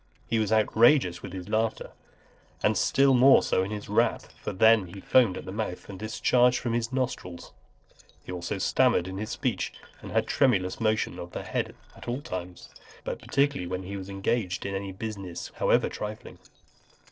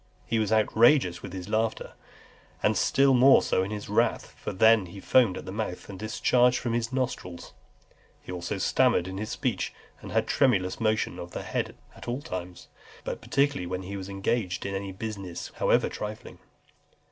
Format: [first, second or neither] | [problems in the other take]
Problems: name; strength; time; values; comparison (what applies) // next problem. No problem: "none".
second | noise reduction (neural separator model SepFormer DNS4)